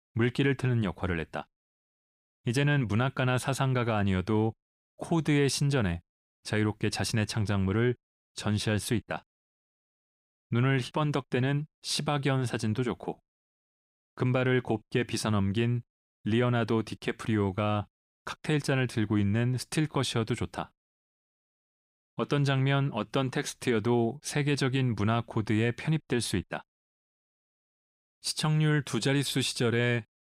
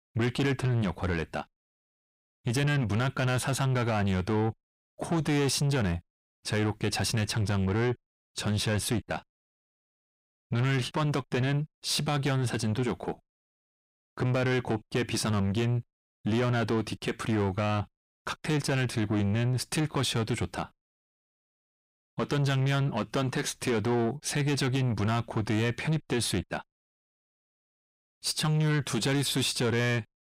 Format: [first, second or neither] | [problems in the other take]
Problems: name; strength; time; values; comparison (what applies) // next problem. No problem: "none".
first | distortion; slight; 10 dB below the speech